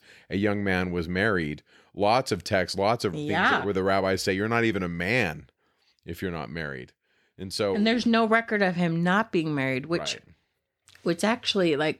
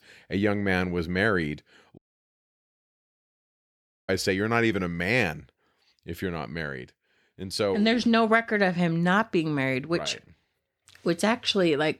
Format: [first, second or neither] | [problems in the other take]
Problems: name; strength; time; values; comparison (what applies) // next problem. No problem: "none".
first | audio cutting out; at 2 s for 2 s